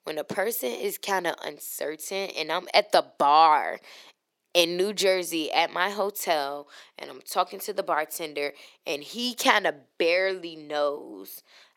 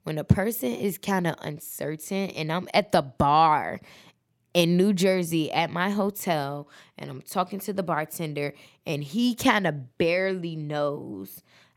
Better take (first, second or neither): second